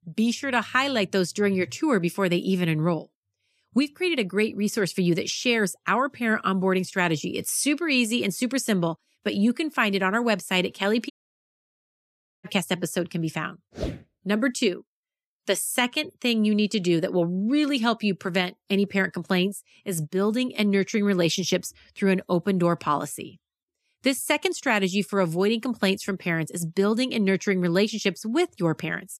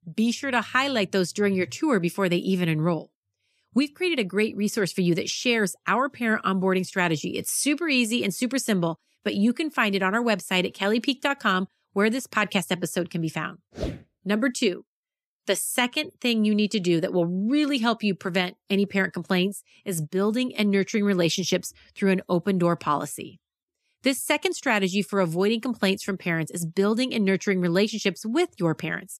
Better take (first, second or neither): second